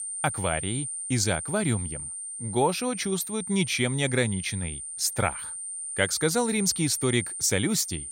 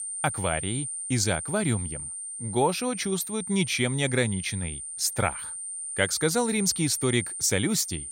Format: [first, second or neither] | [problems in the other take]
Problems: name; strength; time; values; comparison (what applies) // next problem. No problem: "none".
neither | high-pitched whine; loud; throughout; 9 kHz, 6 dB below the speech; the same in both